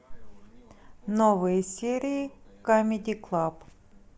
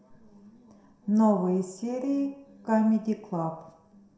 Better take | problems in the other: first | room echo; dies away in 0.6 s

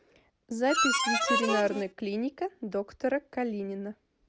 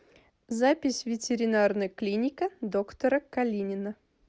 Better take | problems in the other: second | background sound (Harmonica); 4 dB above the speech

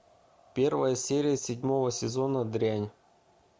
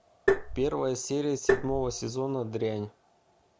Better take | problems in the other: first | background sound (Tap); 3 dB above the speech

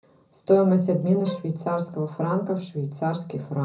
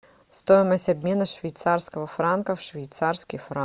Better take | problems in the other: second | background sound (Bowed string instrument); 18 dB below the speech // room echo; dies away in 0.4 s

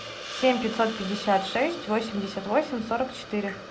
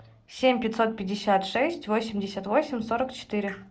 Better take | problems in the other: second | background sound (Hiss); 11 dB below the speech

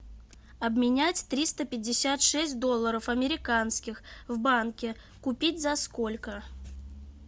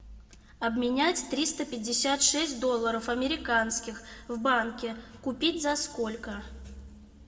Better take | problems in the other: first | room echo; dies away in 1.2 s

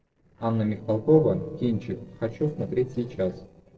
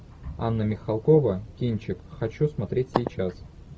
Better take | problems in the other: second | noise reduction (neural separator model SepFormer DNS4)

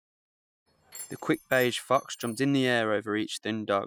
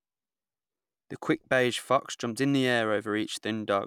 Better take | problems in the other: second | noise reduction (classical method Wiener filter)

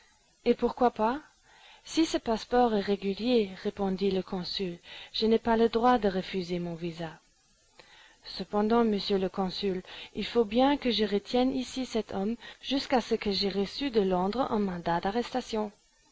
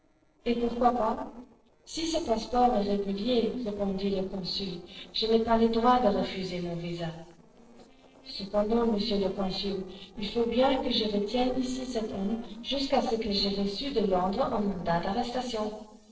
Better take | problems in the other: first | noise reduction (neural separator model SepFormer DNS4)

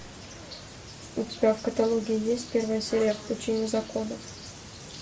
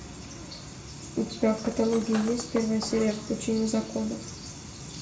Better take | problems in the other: first | background sound (Cutlery, silverware); 14 dB below the speech // room echo; dies away in 0.3 s

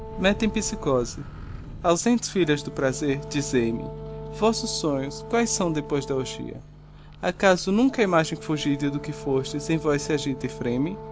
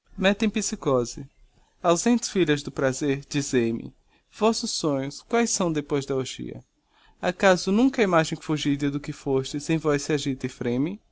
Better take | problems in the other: second | background sound (Microwave oven + Brass instrument); 12 dB below the speech

